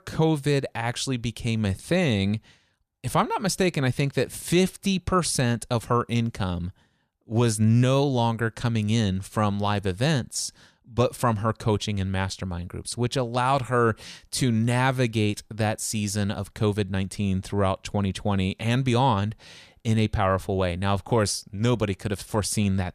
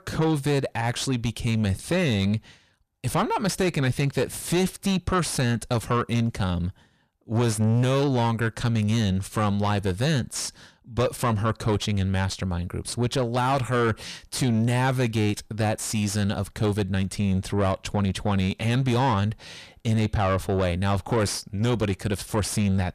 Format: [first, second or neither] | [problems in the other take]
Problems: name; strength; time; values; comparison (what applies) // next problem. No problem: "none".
first | distortion; slight; 10 dB below the speech